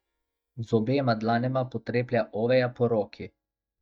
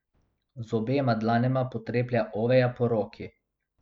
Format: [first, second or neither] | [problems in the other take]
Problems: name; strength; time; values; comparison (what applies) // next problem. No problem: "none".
second | noise reduction (neural mask model DeepFilterNet 3)